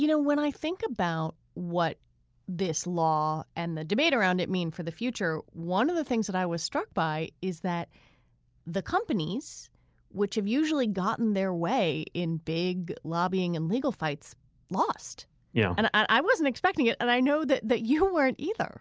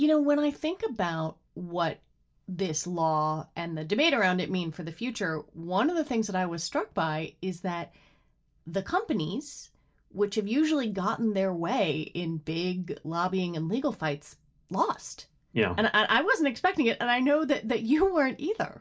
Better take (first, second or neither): first